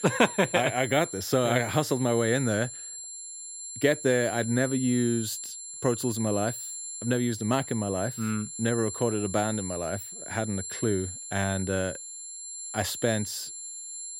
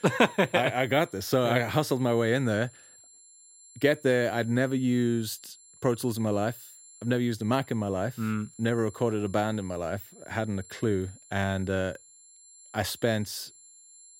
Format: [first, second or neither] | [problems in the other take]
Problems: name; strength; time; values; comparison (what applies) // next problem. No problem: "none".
second | high-pitched whine; loud; throughout; 7.5 kHz, 8 dB below the speech; faint in the second